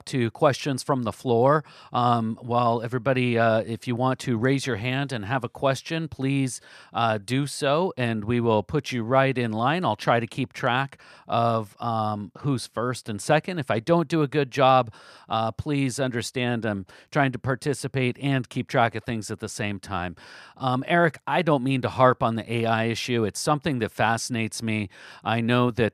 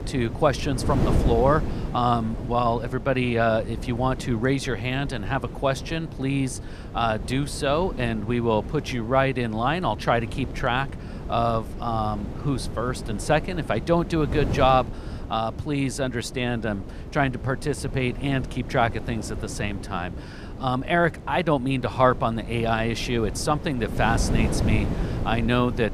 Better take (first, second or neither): first